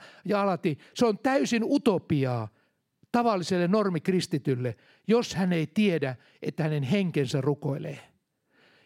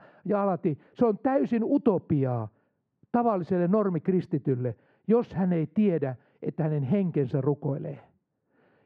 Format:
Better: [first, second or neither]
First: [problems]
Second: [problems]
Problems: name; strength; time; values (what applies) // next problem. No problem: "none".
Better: first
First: none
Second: muffled; very; fading above 3 kHz